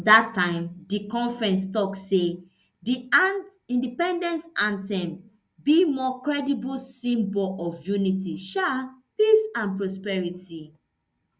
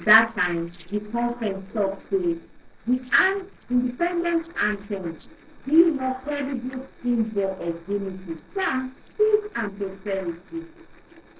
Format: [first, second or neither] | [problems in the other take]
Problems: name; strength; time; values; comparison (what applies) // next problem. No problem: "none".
first | noise reduction (neural separator model SepFormer DNS4)